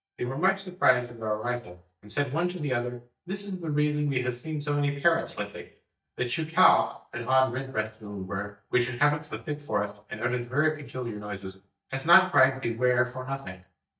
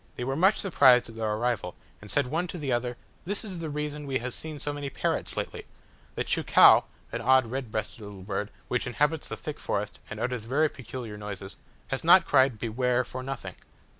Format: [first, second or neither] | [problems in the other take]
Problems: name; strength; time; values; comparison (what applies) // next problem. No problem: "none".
second | noise reduction (neural mask model DeepFilterNet 3)